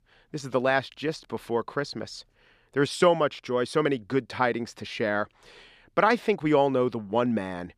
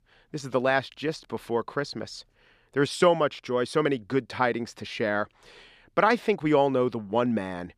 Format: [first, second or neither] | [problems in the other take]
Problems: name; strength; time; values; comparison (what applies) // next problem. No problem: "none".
neither | none